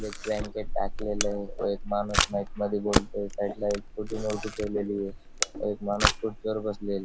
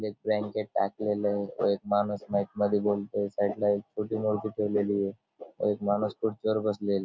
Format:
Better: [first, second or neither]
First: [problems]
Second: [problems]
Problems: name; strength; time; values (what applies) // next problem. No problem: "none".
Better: second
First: background sound (Camera); 1 dB below the speech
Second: none